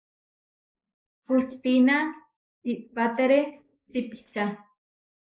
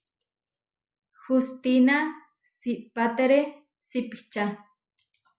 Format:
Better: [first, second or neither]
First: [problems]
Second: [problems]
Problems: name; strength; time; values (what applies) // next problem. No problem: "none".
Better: second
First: noise reduction (neural mask model Resemble Enhance denoiser)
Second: none